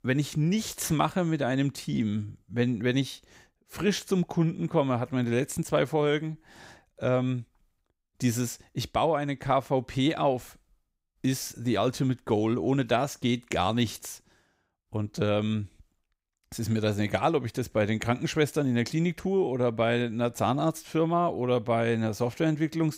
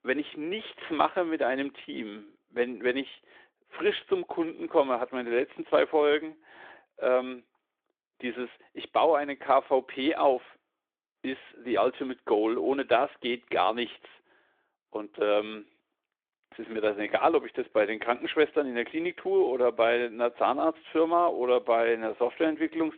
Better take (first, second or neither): first